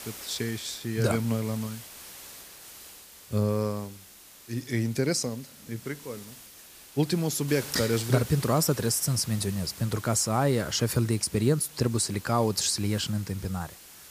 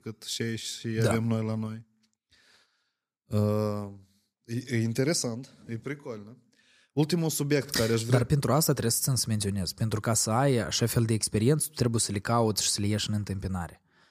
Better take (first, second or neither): second